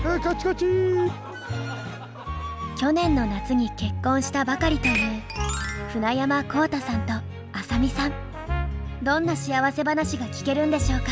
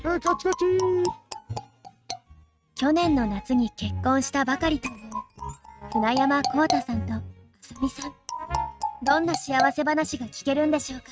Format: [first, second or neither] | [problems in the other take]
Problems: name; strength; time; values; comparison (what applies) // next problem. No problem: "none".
first | noise reduction (neural mask model RNNoise)